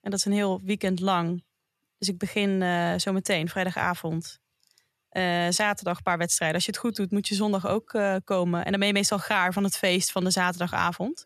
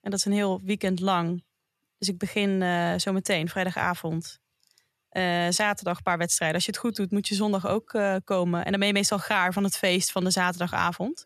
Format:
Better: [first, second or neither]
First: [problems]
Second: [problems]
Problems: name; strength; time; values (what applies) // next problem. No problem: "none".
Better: neither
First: none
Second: none